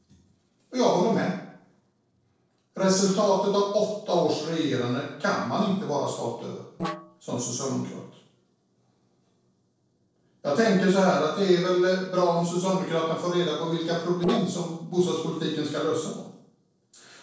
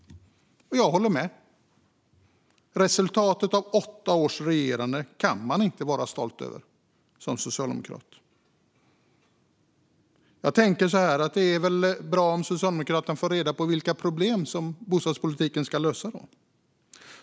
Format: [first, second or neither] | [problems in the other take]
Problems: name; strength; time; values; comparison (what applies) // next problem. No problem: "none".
second | noise reduction (neural separator model SepFormer DNS4)